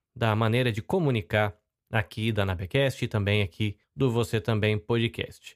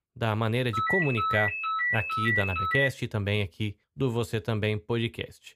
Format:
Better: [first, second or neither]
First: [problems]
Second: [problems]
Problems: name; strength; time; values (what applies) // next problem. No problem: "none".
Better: first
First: none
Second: phone ringing; loud; from 0.5 to 3 s; peak 4 dB above the speech